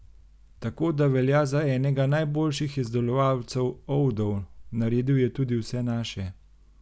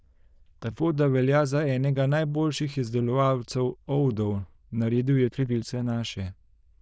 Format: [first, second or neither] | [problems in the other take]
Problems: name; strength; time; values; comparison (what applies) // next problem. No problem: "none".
first | noise reduction (neural diffusion model UNIVERSE++)